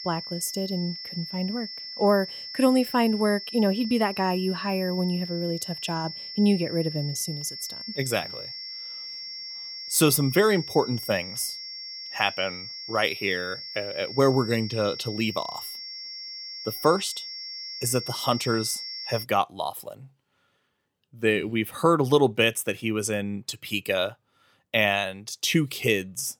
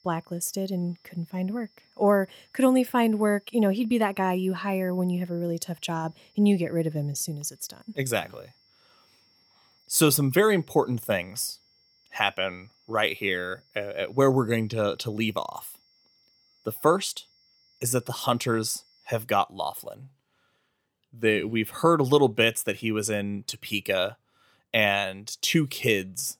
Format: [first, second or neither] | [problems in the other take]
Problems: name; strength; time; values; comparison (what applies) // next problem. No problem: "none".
second | high-pitched whine; loud; until 19 s; 5.5 kHz, 9 dB below the speech; faint in the second